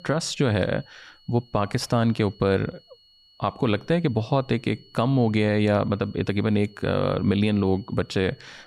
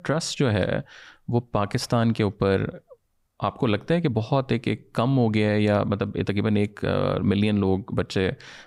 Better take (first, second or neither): second